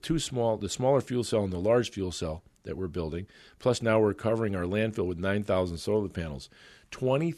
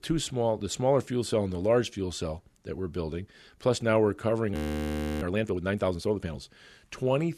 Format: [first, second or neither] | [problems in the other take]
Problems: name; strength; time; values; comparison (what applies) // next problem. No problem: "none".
first | audio freezing; at 4.5 s for 0.5 s